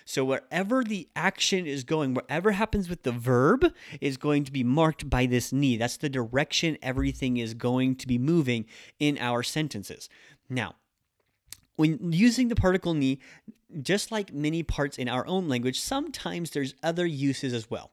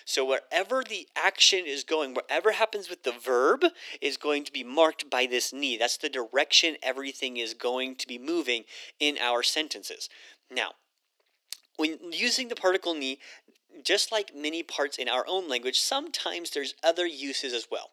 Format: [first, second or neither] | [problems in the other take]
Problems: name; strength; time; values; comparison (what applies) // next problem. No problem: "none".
first | thin; very; fading below 350 Hz